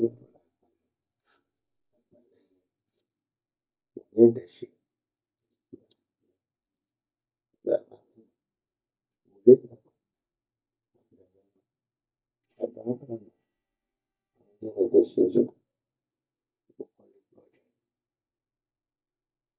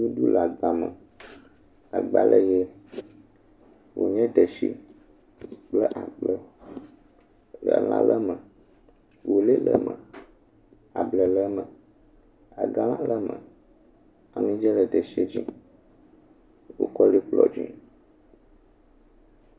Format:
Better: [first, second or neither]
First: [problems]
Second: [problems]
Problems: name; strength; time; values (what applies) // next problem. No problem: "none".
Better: second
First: noise reduction (neural mask model DeepFilterNet 3)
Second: none